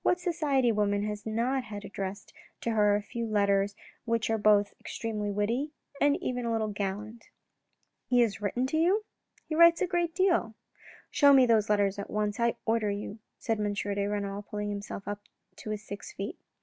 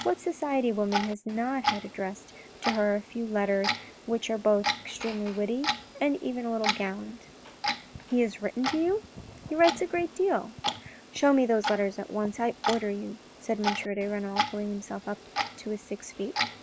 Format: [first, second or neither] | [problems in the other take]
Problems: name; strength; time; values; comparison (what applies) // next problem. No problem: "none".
first | background sound (Clock); 6 dB below the speech